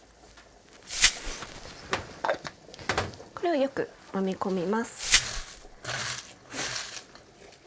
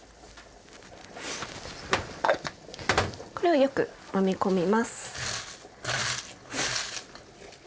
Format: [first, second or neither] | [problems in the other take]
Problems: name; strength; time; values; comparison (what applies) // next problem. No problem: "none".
second | background sound (Glass); 3 dB above the speech